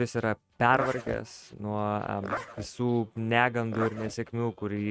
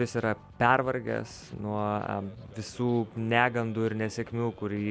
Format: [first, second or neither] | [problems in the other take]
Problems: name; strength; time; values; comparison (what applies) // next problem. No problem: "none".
second | noise reduction (neural mask model RNNoise)